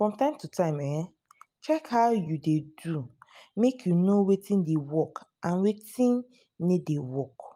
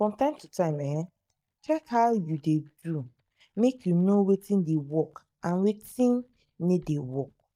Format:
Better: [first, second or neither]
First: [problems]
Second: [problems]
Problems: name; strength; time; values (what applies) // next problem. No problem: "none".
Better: first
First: none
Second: noise reduction (neural mask model DeepFilterNet 3)